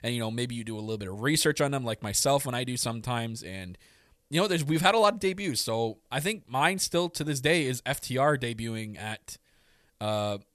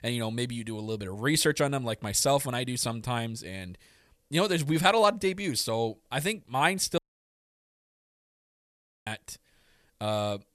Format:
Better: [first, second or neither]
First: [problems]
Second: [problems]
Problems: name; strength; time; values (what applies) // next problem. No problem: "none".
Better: first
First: none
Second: audio cutting out; at 7 s for 2 s